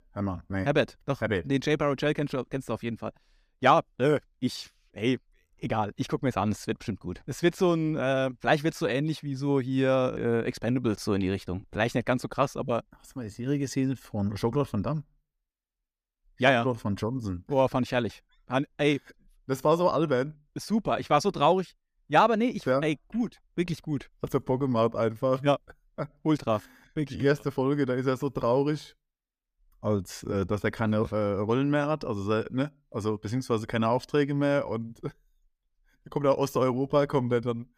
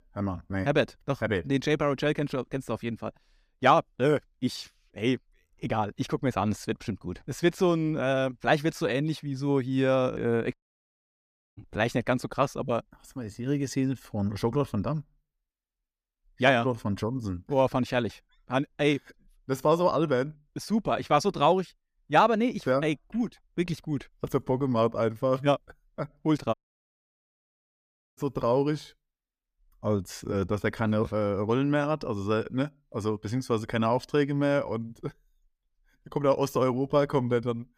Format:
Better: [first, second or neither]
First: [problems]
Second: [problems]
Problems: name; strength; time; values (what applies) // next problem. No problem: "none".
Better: first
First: none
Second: audio cutting out; at 11 s for 1 s and at 27 s for 1.5 s